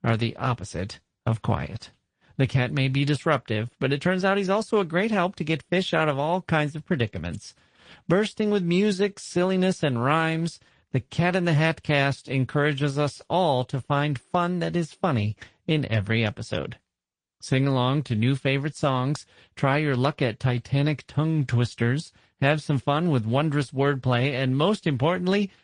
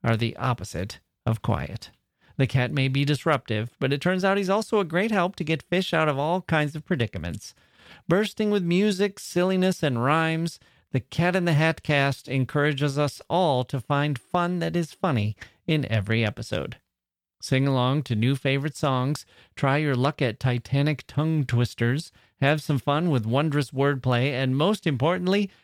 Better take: second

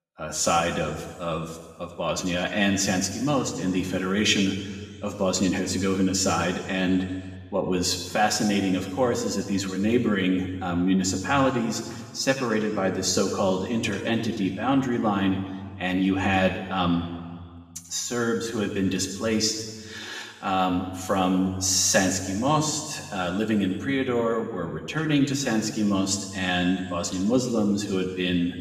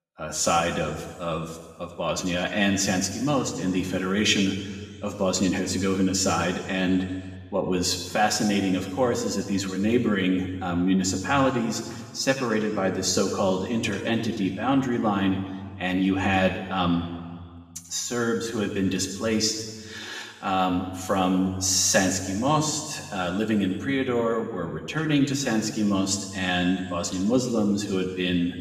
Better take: neither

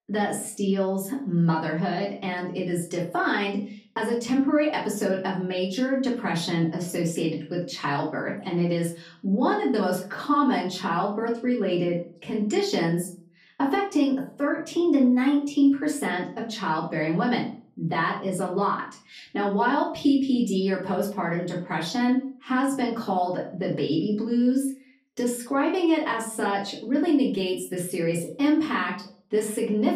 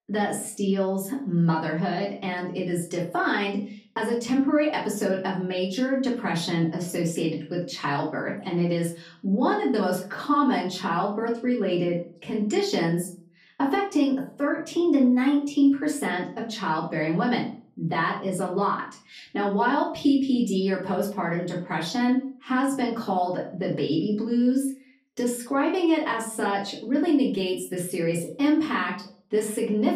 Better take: neither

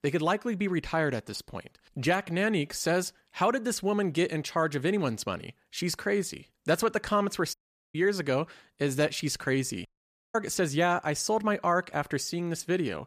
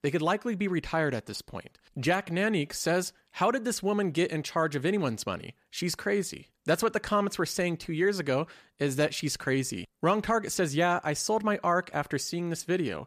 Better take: second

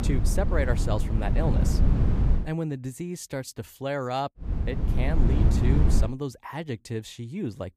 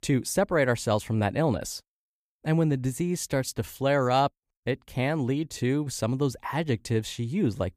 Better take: second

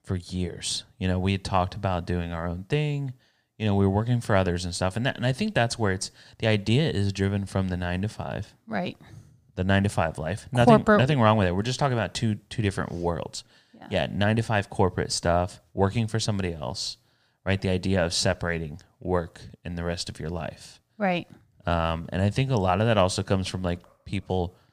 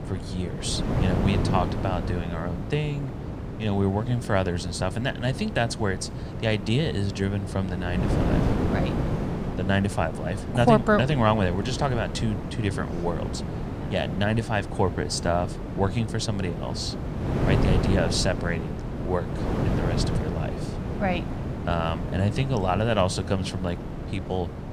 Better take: first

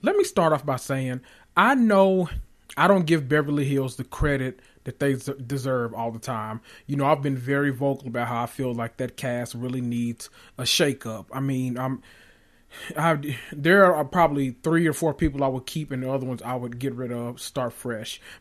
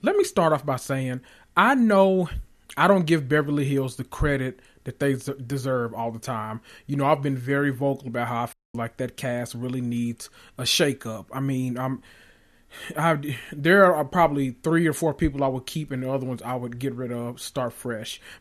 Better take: first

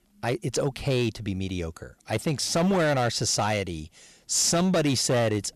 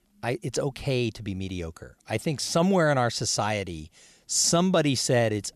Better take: second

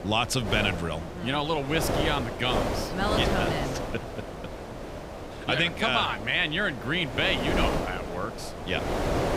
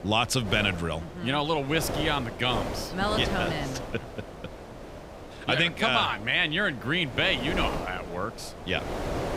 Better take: second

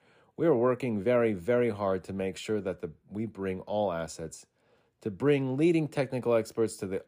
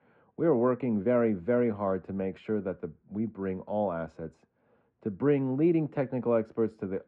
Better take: first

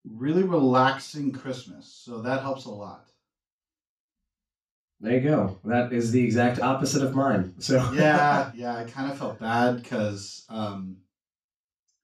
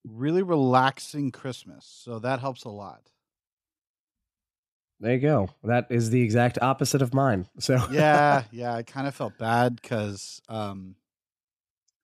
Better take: second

